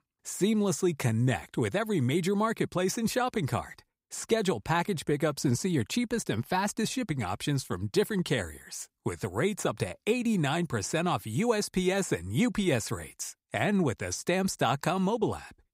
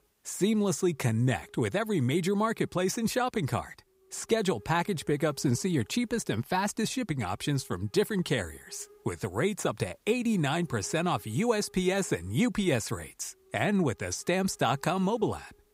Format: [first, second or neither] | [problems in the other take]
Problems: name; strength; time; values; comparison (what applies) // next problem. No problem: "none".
first | hiss; faint; throughout; 30 dB below the speech